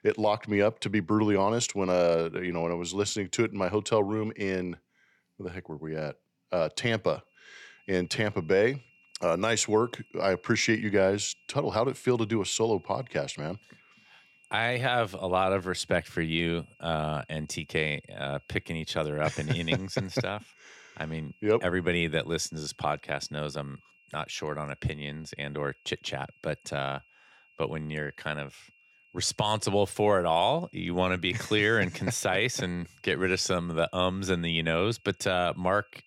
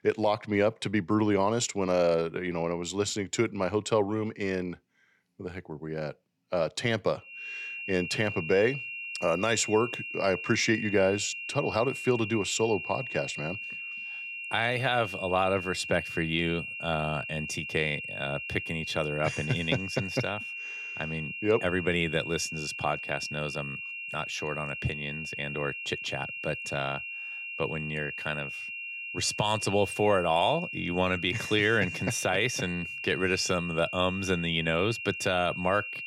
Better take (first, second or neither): first